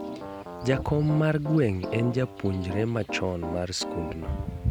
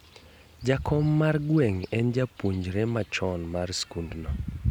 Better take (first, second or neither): second